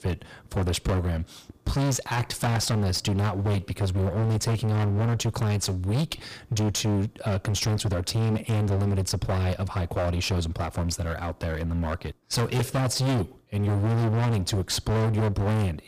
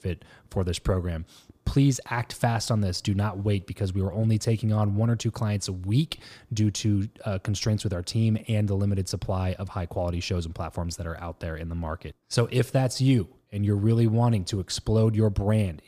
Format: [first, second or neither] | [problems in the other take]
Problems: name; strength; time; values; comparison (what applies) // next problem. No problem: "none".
second | distortion; heavy; 29% of the sound clipped